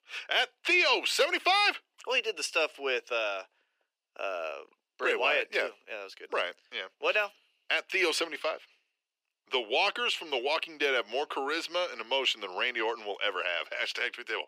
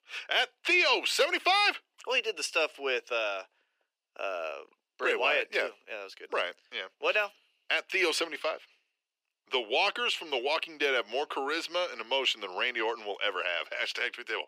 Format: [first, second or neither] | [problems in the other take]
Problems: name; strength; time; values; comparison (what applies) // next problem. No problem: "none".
neither | thin; very; fading below 350 Hz; the same in both